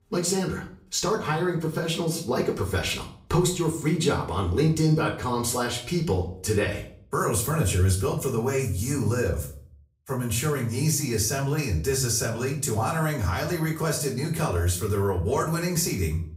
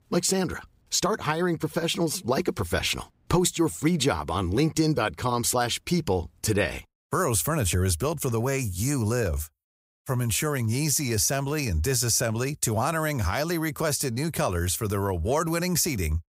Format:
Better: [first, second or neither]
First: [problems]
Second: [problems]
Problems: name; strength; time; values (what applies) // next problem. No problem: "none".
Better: second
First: room echo; slight; dies away in 0.4 s // off-mic speech; far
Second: none